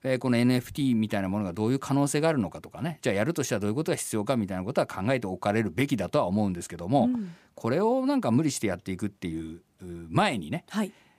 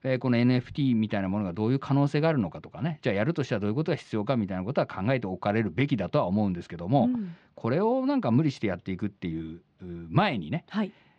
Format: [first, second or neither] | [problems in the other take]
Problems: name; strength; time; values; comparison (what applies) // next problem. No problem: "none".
first | muffled; very slightly; fading above 4 kHz